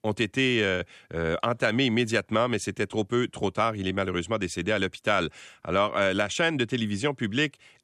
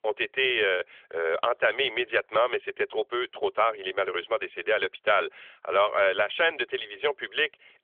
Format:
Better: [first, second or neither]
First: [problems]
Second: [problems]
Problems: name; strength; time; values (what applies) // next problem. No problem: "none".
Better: first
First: none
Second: phone-call audio; nothing above 3.5 kHz